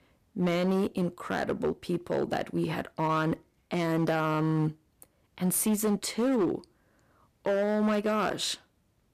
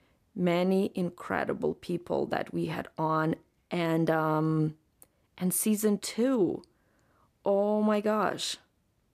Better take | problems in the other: second | distortion; slight; 10% of the sound clipped

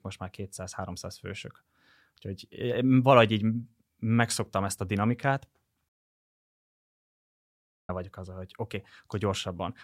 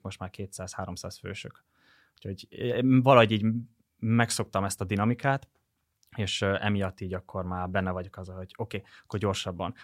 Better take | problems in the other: second | audio cutting out; at 6 s for 2 s

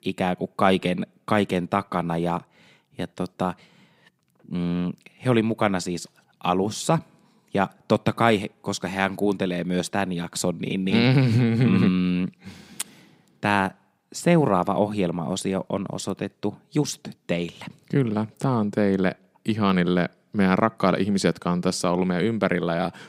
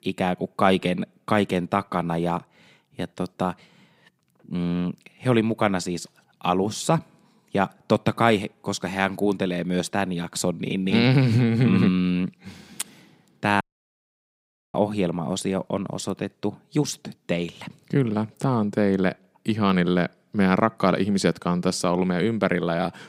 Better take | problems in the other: first | audio cutting out; at 14 s for 1 s

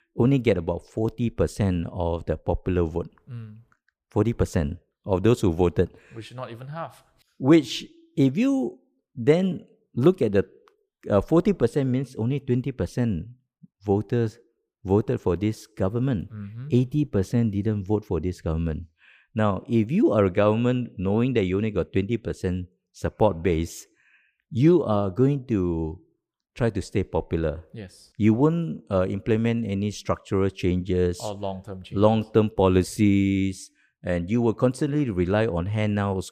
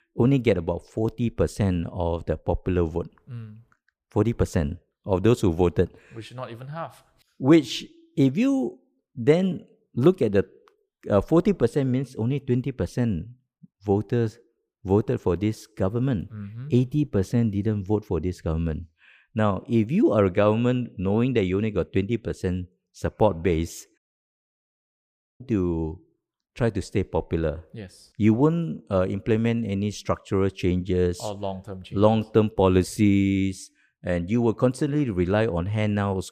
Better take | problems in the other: first | audio cutting out; at 24 s for 1.5 s

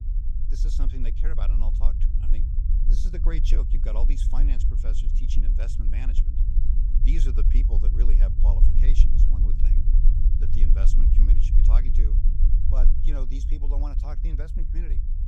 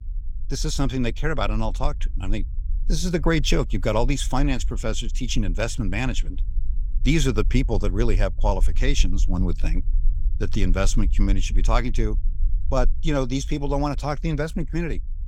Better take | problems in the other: second | low rumble; loud; throughout; 3 dB below the speech; faint in the second

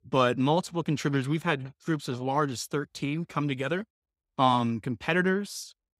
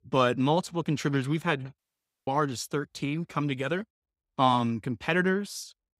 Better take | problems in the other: first | audio cutting out; at 2 s

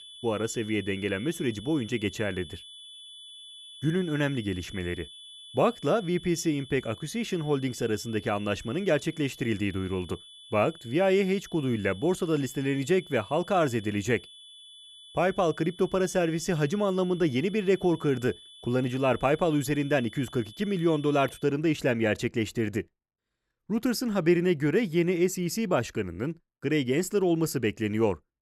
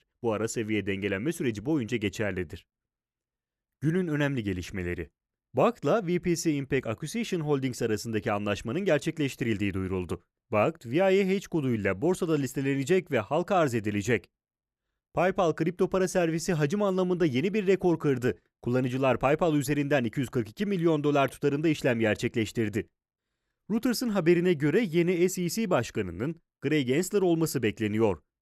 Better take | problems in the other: second | high-pitched whine; noticeable; until 21 s; 3.5 kHz, 20 dB below the speech

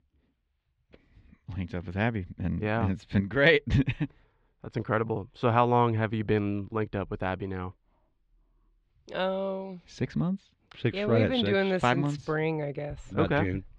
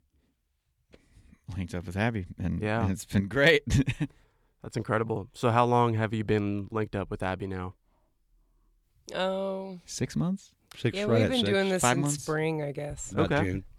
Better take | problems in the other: second | muffled; slightly; fading above 3.5 kHz

